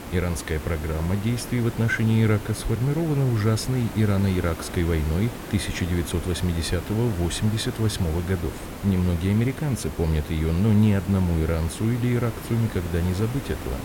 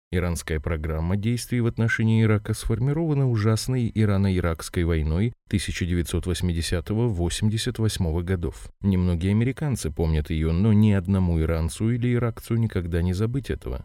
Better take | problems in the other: second | hiss; noticeable; throughout; 10 dB below the speech

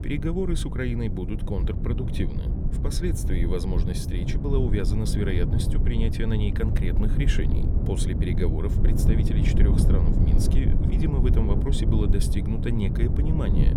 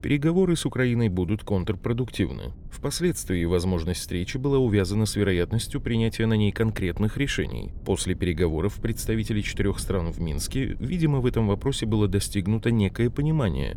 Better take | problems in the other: second | low rumble; loud; throughout; 3 dB below the speech; faint in the second

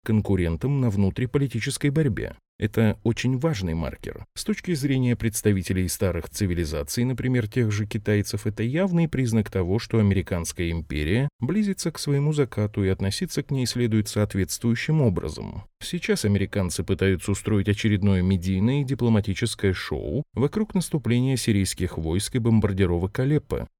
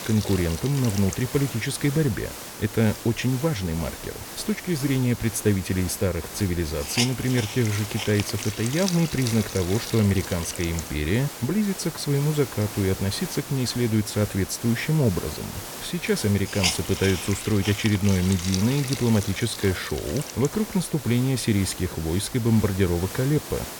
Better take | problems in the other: first | hiss; loud; throughout; 8 dB below the speech

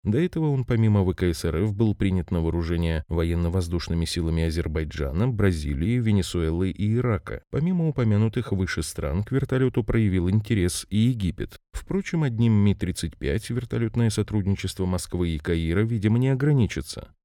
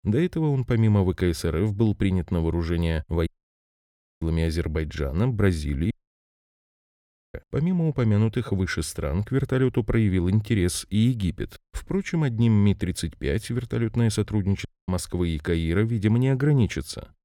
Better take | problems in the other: first | audio cutting out; at 3.5 s for 1 s, at 6 s for 1.5 s and at 15 s

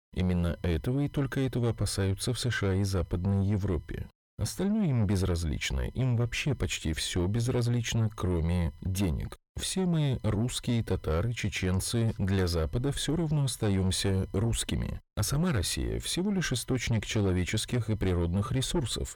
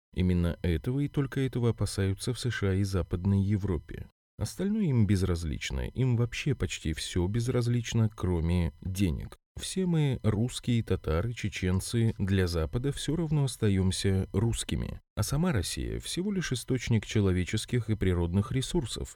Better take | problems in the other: second | distortion; slight; 10 dB below the speech

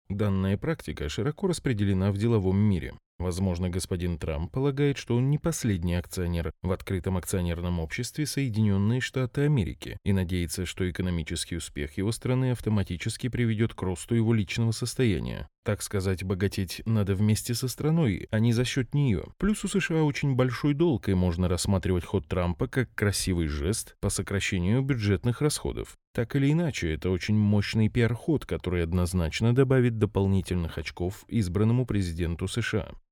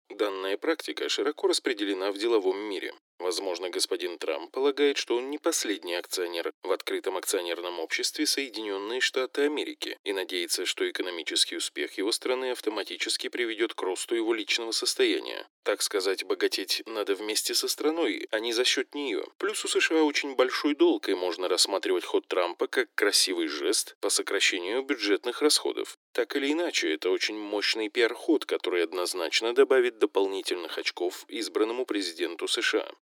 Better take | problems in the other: first | thin; very; fading below 300 Hz

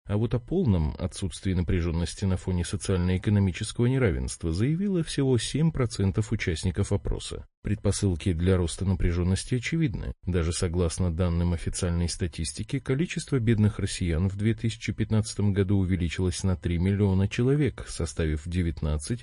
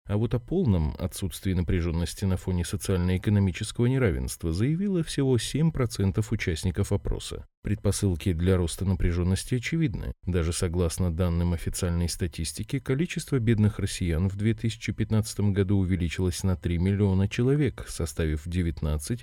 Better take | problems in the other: second | garbled, watery; slightly; nothing above 10.5 kHz

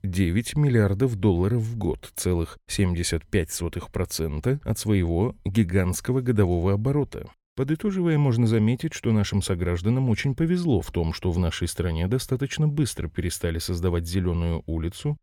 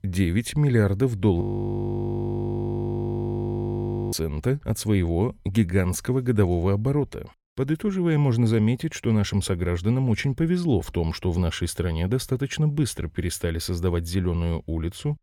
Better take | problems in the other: first | audio freezing; at 1.5 s for 2.5 s

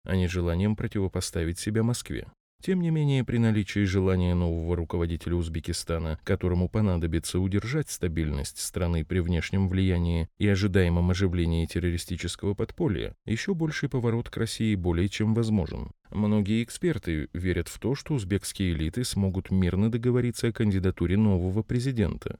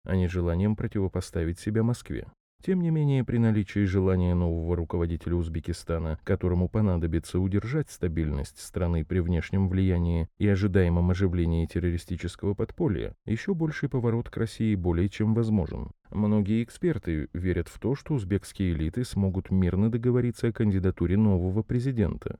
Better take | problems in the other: first | muffled; slightly; fading above 2 kHz

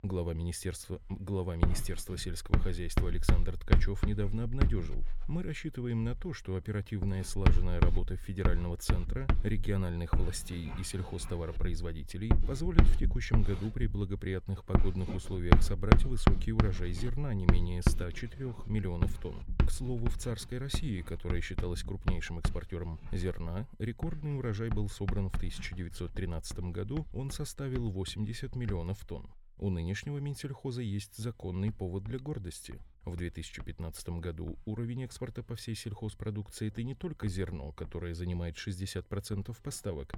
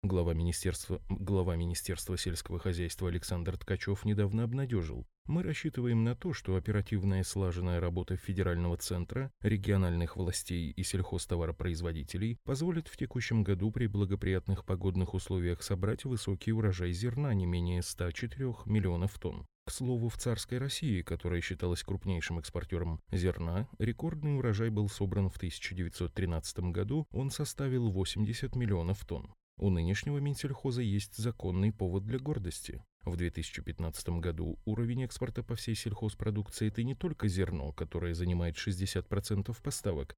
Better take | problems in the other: second | household noises; very loud; throughout; 3 dB above the speech

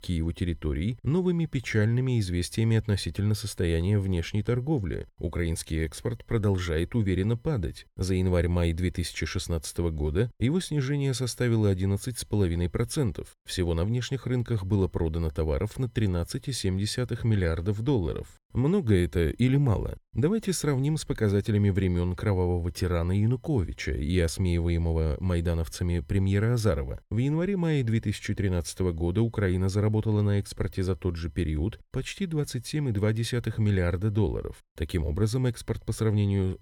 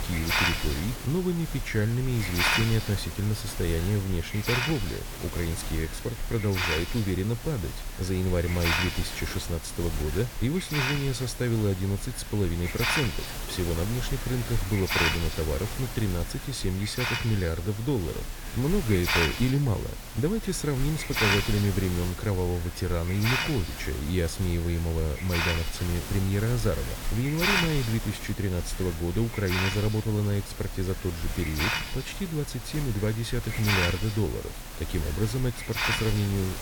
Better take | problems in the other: first | hiss; loud; throughout; 2 dB below the speech

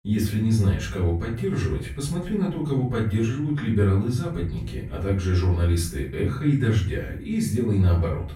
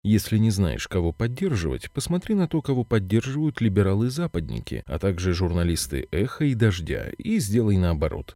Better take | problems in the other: second | off-mic speech; far // room echo; noticeable; dies away in 0.4 s

